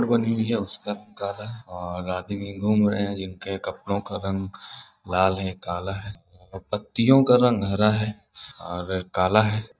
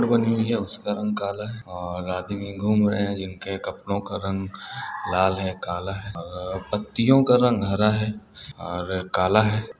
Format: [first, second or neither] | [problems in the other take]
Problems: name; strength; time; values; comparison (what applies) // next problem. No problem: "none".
second | noise reduction (neural mask model DeepFilterNet 3)